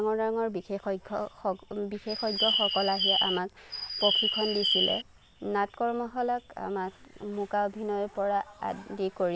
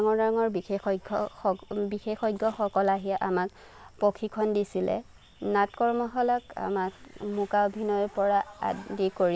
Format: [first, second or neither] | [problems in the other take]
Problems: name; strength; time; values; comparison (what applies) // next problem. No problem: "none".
second | background sound (Bird); 2 dB above the speech